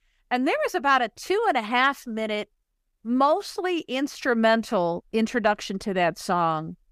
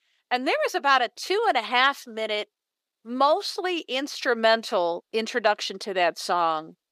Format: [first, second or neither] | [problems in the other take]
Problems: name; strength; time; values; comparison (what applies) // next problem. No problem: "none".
first | thin; somewhat; fading below 450 Hz